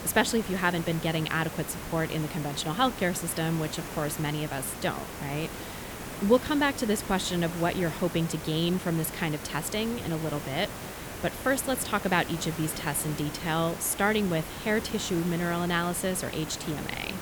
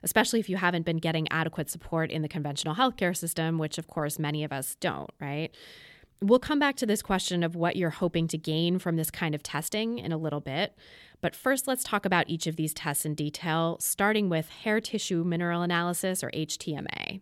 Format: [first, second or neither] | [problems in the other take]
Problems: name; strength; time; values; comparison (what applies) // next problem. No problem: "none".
second | hiss; loud; throughout; 9 dB below the speech